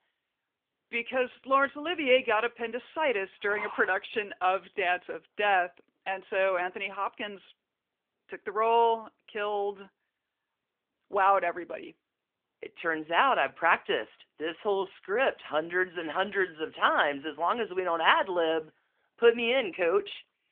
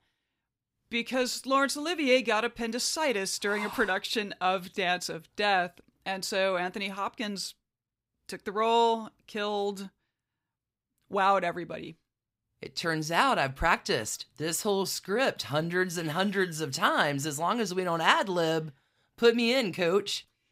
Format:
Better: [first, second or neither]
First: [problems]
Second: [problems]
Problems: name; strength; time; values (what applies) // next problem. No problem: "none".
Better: second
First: phone-call audio; nothing above 3 kHz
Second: none